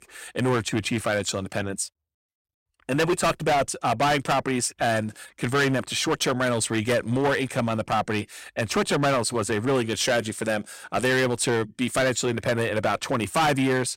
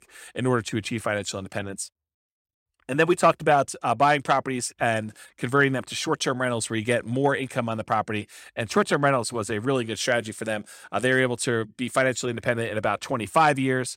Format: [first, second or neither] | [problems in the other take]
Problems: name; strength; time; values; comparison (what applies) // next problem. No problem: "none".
second | distortion; heavy; 12% of the sound clipped